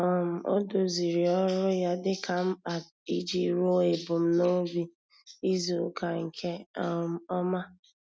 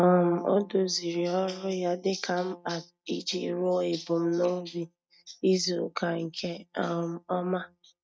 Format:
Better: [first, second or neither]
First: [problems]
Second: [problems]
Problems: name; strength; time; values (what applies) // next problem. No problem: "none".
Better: first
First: none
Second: noise reduction (neural mask model DeepFilterNet 3)